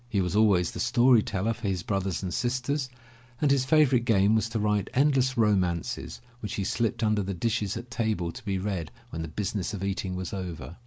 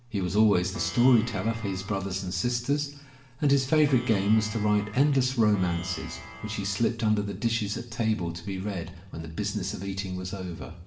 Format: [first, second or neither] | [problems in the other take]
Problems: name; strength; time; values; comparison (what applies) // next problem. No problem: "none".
first | background sound (Plucked string instrument); 17 dB below the speech // room echo; dies away in 0.6 s